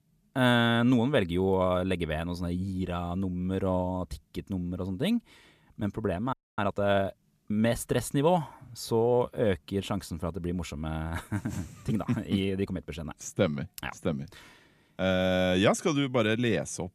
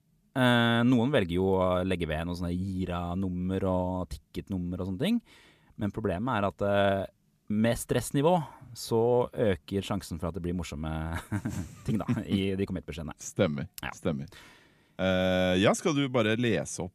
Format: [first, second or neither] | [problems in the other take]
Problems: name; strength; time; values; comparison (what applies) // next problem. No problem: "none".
second | audio freezing; at 6.5 s